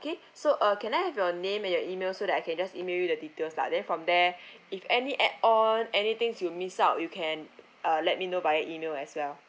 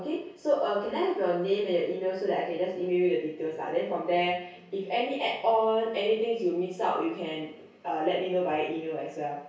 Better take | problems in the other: first | room echo; dies away in 0.6 s

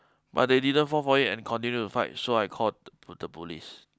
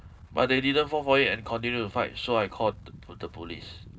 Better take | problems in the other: first | background sound (Wind); 19 dB below the speech // room echo; dies away in 0.2 s

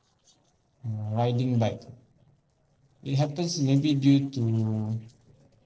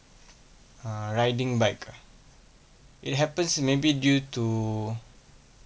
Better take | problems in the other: second | noise reduction (neural separator model SepFormer DNS4)

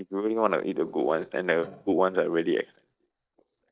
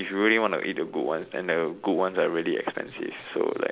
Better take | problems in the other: second | noise reduction (neural mask model DeepFilterNet 3)

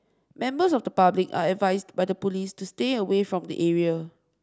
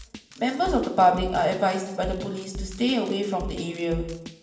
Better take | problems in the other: first | background sound (Drum kit); 13 dB below the speech // room echo; dies away in 0.9 s

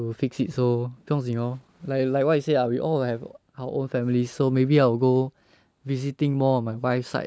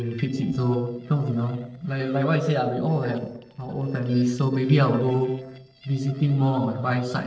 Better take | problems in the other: first | noise reduction (neural separator model SepFormer DNS4)

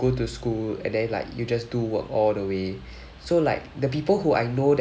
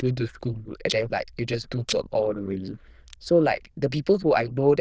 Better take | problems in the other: first | noise reduction (neural diffusion model UNIVERSE++)

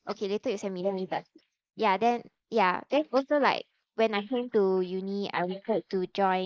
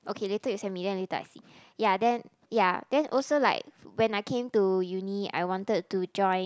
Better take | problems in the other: second | noise reduction (neural mask model Resemble Enhance denoiser)

